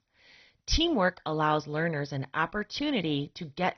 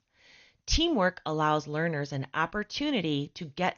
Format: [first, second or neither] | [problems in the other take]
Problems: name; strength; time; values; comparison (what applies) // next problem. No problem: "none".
second | garbled, watery; badly; nothing above 6 kHz; slightly in the second